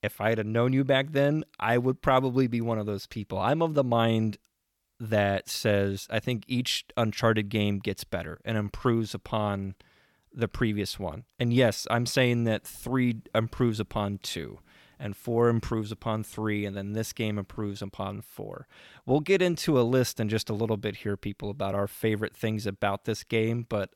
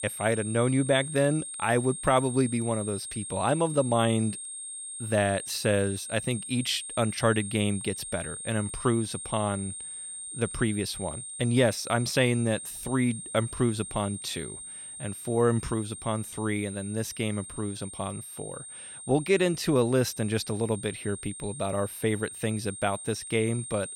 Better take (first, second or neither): first